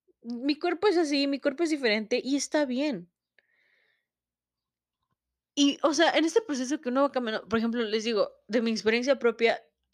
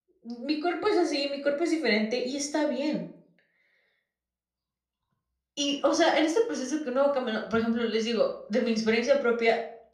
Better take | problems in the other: first | room echo; slight; dies away in 0.4 s // off-mic speech; somewhat distant

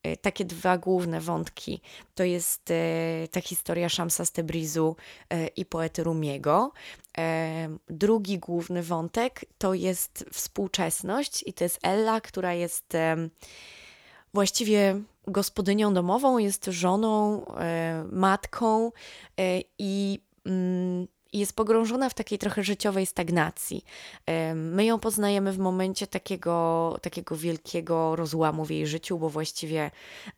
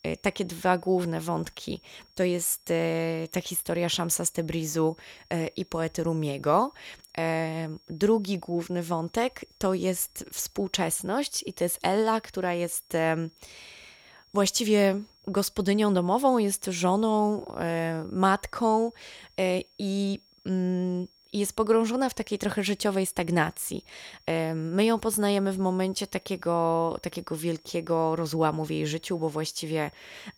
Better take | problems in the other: first | high-pitched whine; faint; throughout; 5.5 kHz, 30 dB below the speech

